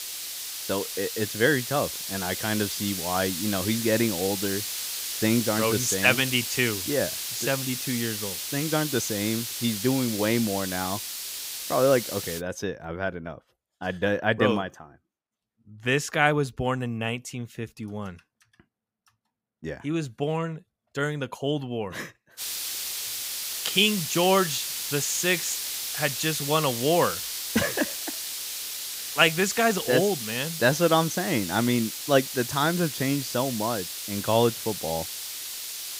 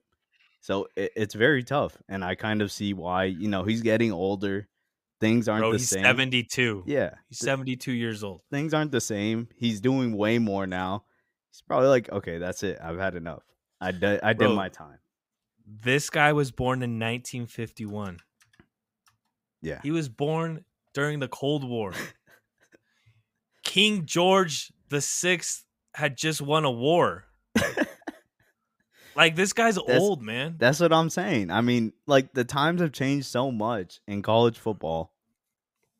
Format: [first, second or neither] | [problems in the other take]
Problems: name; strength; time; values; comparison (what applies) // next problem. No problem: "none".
second | hiss; loud; until 12 s and from 22 s on; 4 dB below the speech